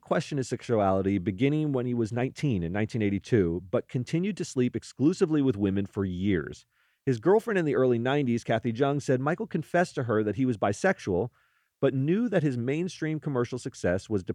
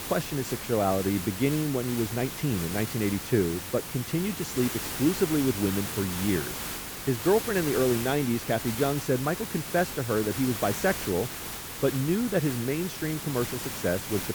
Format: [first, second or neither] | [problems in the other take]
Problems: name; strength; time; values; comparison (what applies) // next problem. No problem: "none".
first | hiss; loud; throughout; 6 dB below the speech